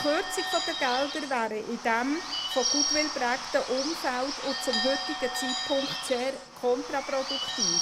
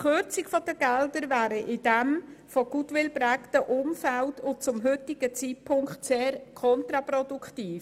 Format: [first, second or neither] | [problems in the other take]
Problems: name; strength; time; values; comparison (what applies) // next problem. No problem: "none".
second | background sound (Bird / Bell); 2 dB below the speech